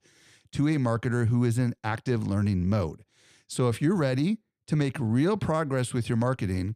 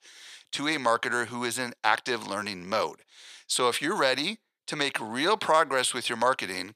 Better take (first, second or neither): first